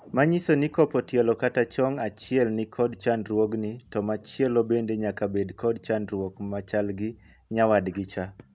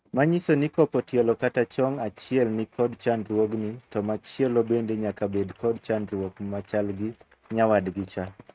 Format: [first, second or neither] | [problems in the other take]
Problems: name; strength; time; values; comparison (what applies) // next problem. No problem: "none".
first | noise reduction (neural mask model RNNoise)